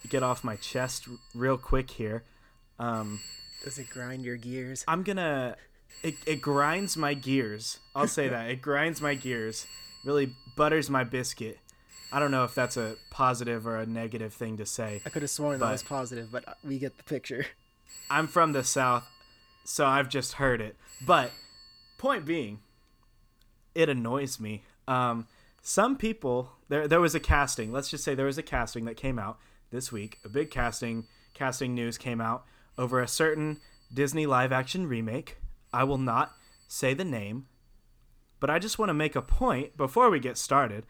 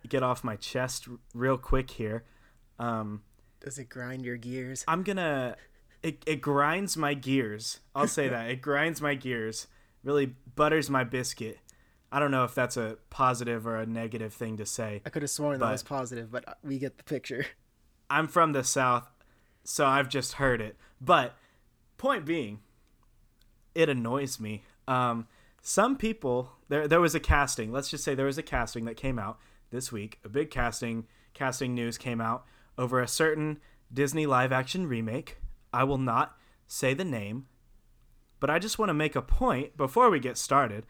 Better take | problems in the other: second | alarms or sirens; noticeable; throughout; 20 dB below the speech

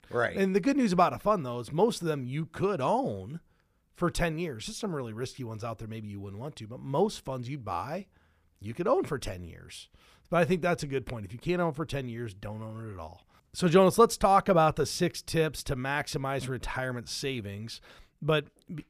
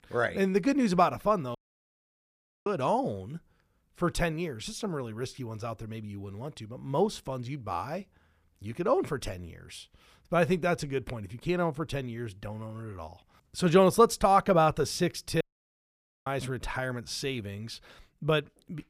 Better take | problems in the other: first | audio cutting out; at 1.5 s for 1 s and at 15 s for 1 s

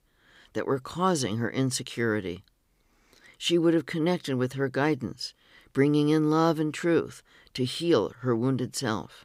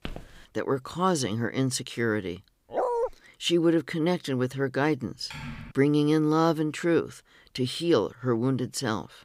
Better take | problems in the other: first | footsteps; faint; at the start; peak 15 dB below the speech // dog barking; noticeable; at 2.5 s; peak 1 dB below the speech // keyboard typing; faint; at 5.5 s; peak 10 dB below the speech

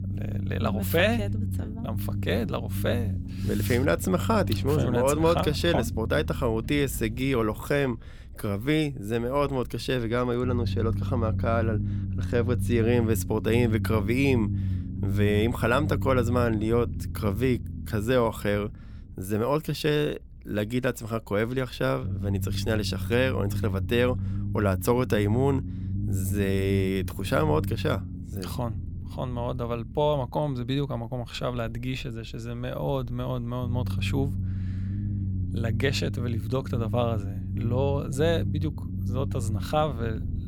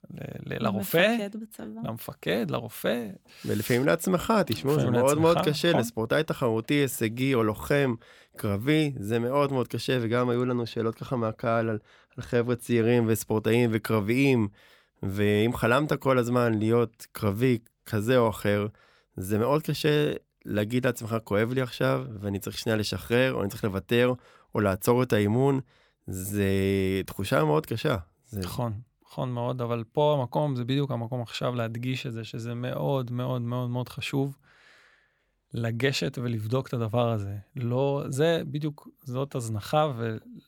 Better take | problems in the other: second | low rumble; noticeable; throughout; 15 dB below the speech

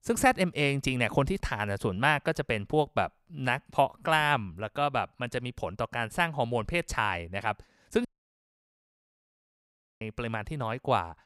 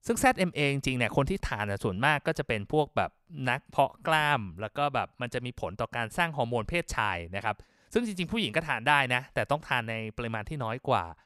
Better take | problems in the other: second | audio cutting out; at 8 s for 2 s

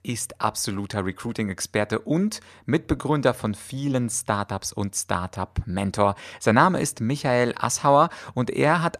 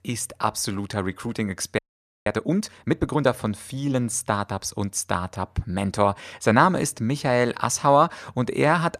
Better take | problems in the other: first | audio freezing; at 2 s

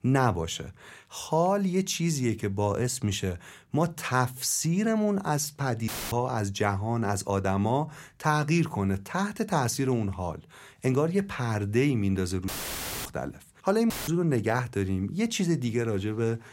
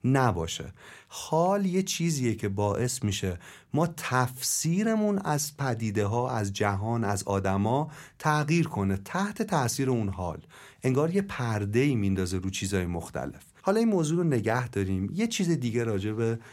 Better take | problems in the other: second | audio cutting out; filled with static; at 6 s, at 12 s for 0.5 s and at 14 s

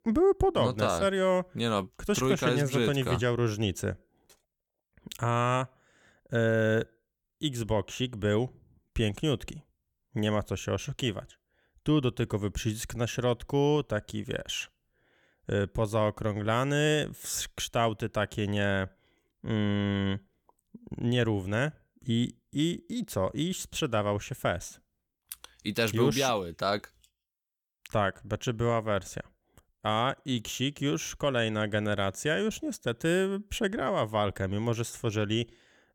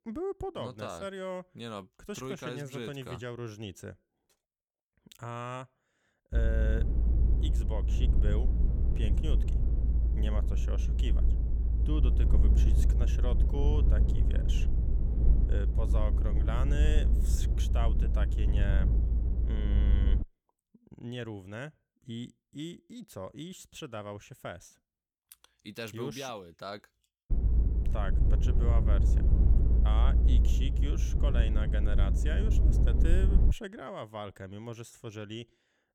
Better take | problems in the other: first | low rumble; loud; from 6.5 to 20 s and from 27 to 34 s; 4 dB below the speech

